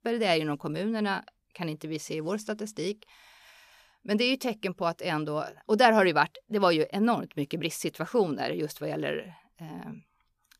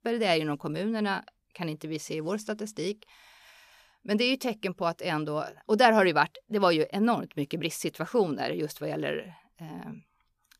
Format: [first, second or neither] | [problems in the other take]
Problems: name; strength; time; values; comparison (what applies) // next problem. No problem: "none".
neither | none